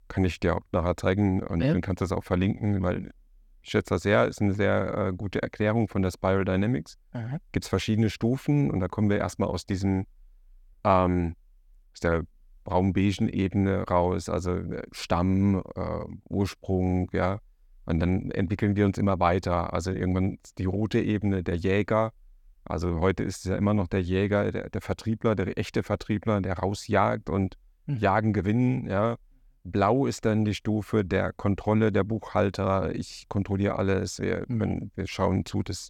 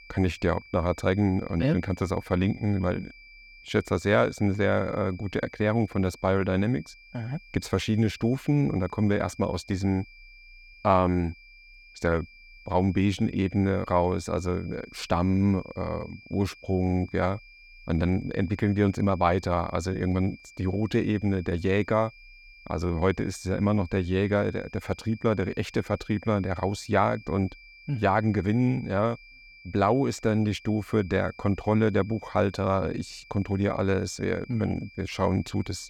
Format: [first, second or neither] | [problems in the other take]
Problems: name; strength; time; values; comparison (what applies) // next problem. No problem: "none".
first | high-pitched whine; faint; throughout; 2.5 kHz, 20 dB below the speech